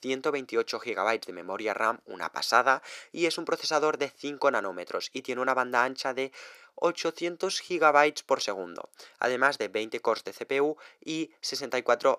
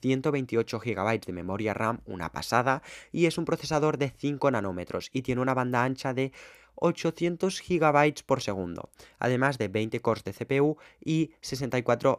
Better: second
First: thin; somewhat; fading below 450 Hz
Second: none

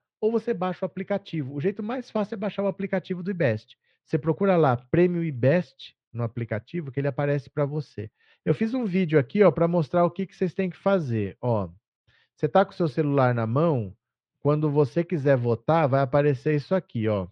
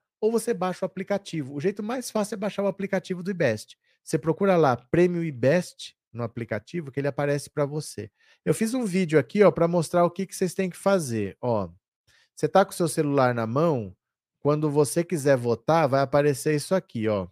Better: second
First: muffled; slightly; fading above 3.5 kHz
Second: none

